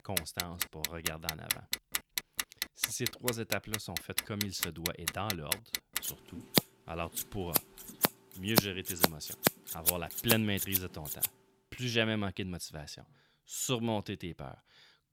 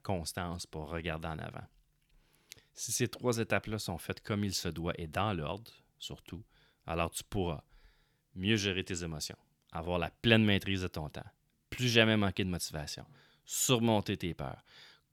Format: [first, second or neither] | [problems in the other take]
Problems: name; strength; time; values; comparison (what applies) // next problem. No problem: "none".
second | household noises; very loud; until 11 s; 3 dB above the speech